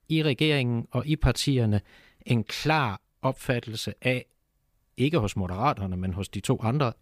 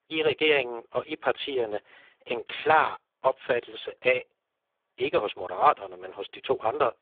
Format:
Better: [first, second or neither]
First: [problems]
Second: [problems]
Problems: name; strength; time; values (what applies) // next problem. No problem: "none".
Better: first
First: none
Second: phone-call audio; poor line